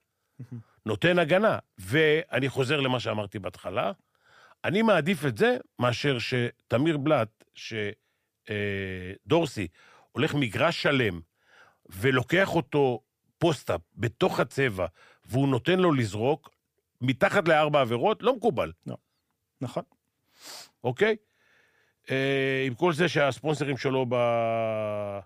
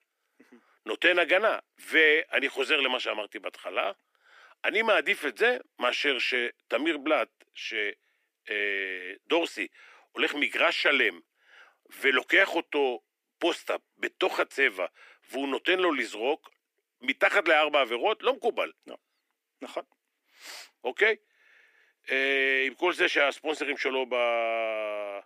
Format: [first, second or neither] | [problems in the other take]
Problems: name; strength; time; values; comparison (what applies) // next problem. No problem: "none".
first | thin; somewhat; fading below 300 Hz